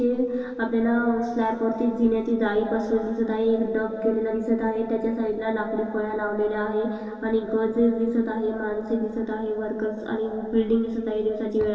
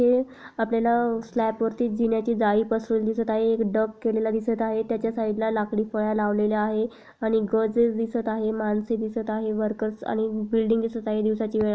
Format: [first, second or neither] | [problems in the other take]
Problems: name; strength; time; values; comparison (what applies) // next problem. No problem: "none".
second | room echo; dies away in 2.7 s